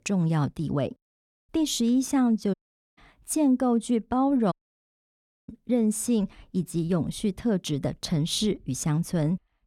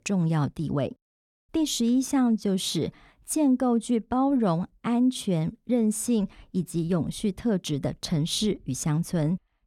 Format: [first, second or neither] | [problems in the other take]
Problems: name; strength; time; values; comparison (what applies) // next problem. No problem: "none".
second | audio cutting out; at 2.5 s and at 4.5 s for 1 s